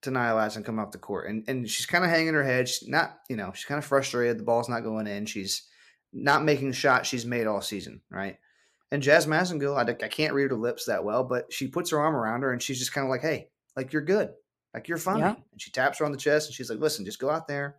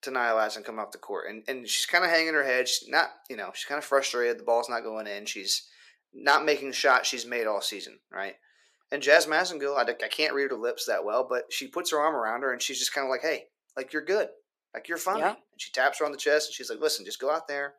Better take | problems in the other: first | thin; somewhat; fading below 400 Hz

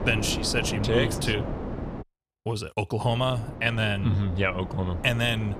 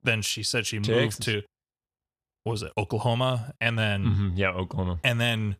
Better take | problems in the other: second | wind noise on the microphone; occasional gusts; until 2 s and from 3 s on; 10 dB below the speech

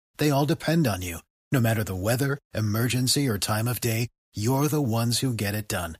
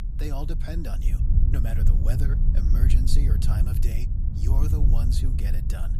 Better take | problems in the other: first | low rumble; loud; throughout; 1 dB below the speech

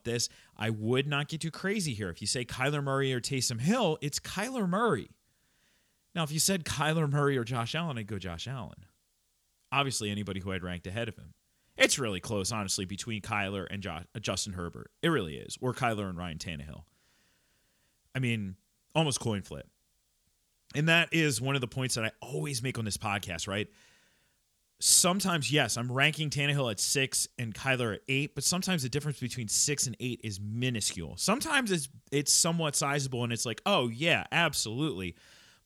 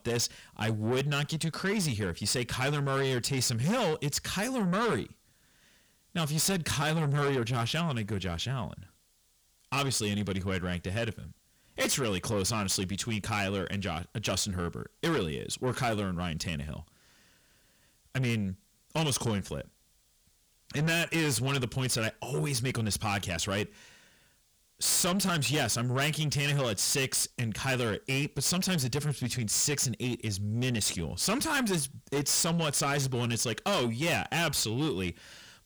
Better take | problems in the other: first | distortion; heavy; 6 dB below the speech

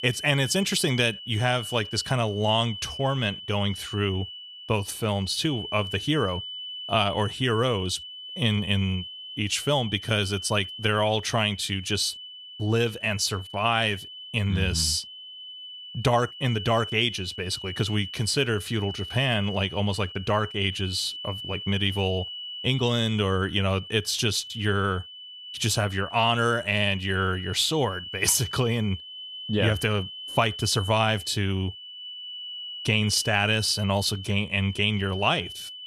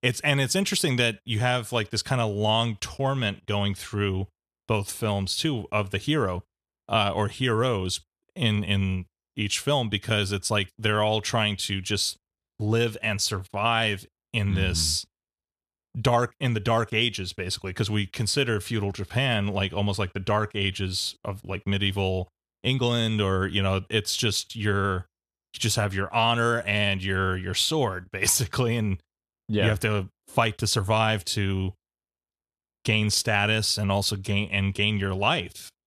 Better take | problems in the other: second | high-pitched whine; noticeable; throughout; 3 kHz, 10 dB below the speech

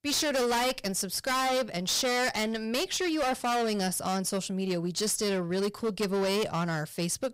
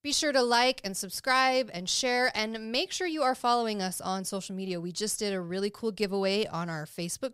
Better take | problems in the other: second | distortion; heavy; 21% of the sound clipped

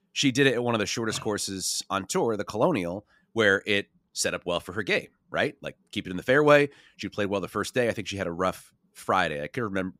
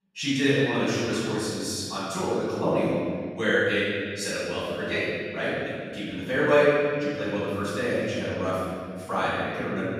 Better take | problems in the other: first | room echo; strong; dies away in 2 s // off-mic speech; far

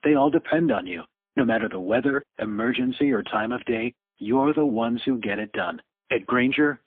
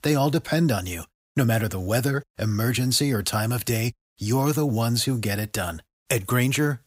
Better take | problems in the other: second | phone-call audio; poor line

